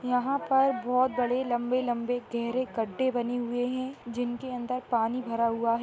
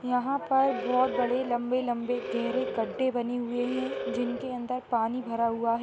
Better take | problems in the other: first | background sound (Animal); 8 dB below the speech

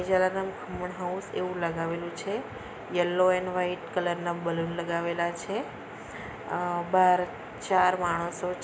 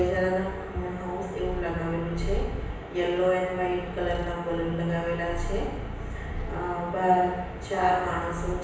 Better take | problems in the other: first | background sound (Purr); 8 dB below the speech // room echo; dies away in 1.1 s

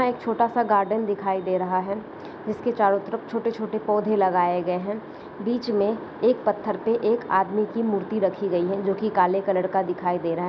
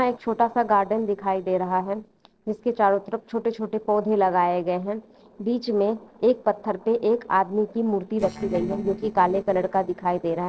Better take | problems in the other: first | noise reduction (neural separator model SepFormer DNS4)

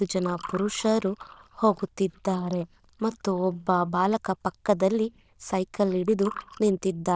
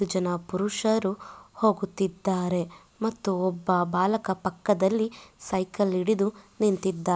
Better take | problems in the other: second | noise reduction (neural diffusion model UNIVERSE++)

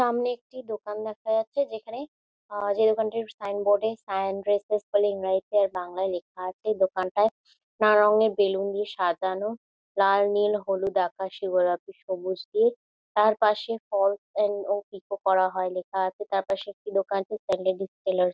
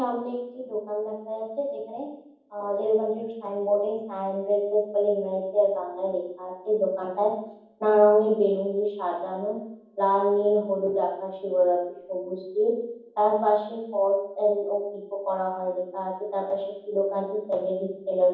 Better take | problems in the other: first | room echo; dies away in 1.2 s

